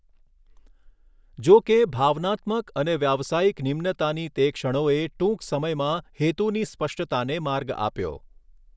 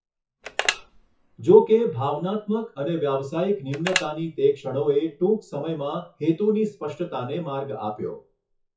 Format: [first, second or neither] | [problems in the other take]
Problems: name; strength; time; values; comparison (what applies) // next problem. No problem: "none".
first | noise reduction (classical method WPE with log-MMSE)